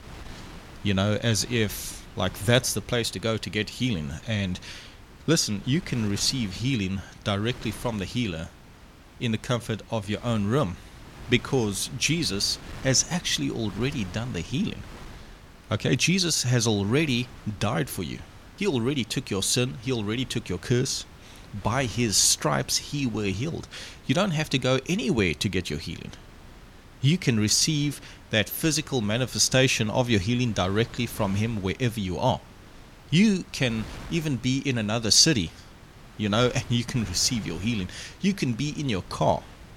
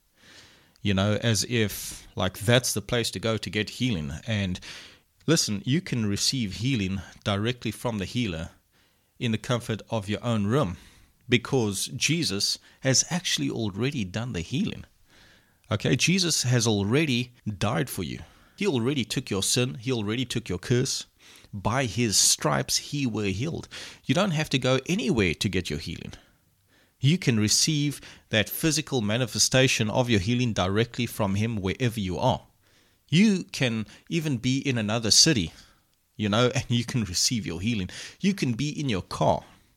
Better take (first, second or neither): second